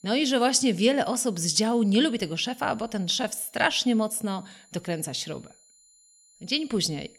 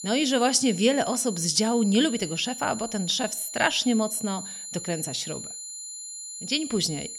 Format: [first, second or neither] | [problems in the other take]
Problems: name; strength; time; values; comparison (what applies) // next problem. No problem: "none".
first | high-pitched whine; loud; throughout; 7 kHz, 10 dB below the speech; faint in the first